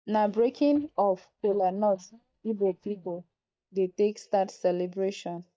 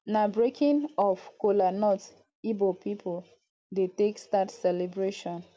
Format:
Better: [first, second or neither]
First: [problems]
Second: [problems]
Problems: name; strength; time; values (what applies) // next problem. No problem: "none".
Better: second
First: noise reduction (neural mask model DeepFilterNet 3)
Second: none